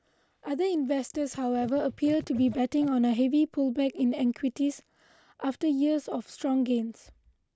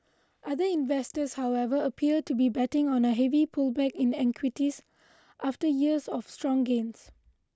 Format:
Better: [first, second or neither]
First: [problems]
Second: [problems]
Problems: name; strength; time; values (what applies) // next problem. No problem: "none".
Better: second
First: background sound (Scratching (performance technique)); 18 dB below the speech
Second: none